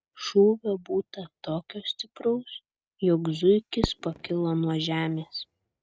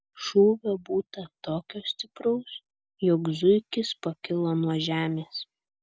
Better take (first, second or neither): second